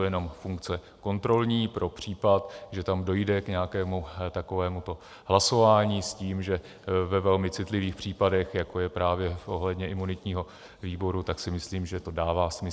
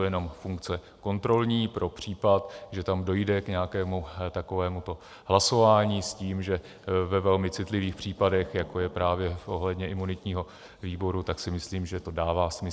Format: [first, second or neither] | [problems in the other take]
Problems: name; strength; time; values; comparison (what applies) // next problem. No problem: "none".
first | background sound (Knock); 19 dB below the speech